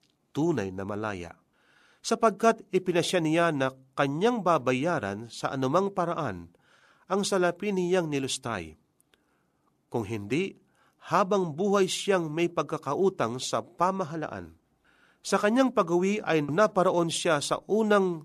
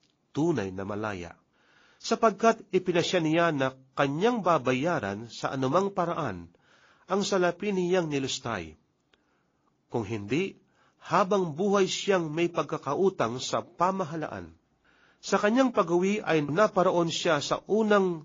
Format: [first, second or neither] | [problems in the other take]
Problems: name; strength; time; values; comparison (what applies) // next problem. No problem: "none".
first | garbled, watery; slightly